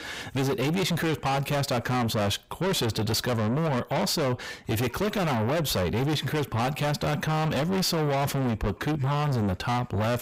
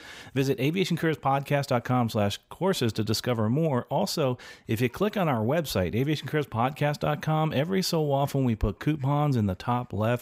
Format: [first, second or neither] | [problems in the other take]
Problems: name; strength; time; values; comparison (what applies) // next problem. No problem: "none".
second | distortion; heavy; 6 dB below the speech